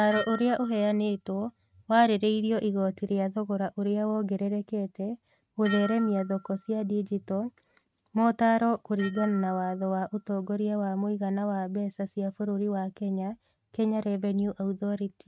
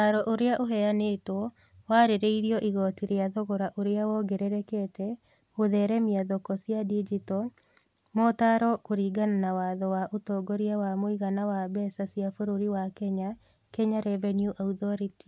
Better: second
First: noise reduction (neural mask model RNNoise)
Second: none

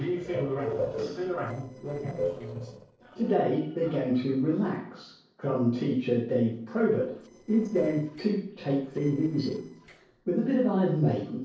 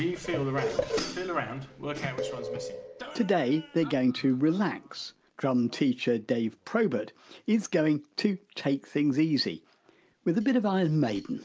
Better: second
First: noise reduction (neural separator model SepFormer DNS4)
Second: none

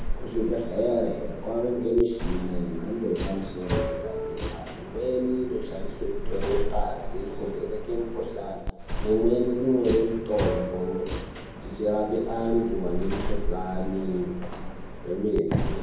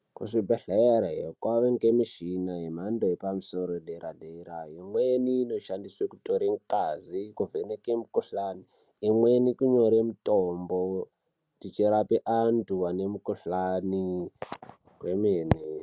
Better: second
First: background sound (Subway, metro, underground); 3 dB below the speech // room echo; dies away in 0.9 s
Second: none

